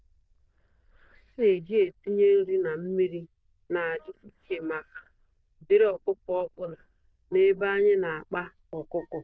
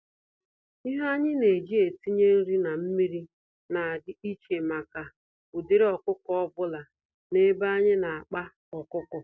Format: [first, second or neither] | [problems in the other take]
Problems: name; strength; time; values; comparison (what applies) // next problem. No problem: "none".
second | noise reduction (neural diffusion model UNIVERSE++)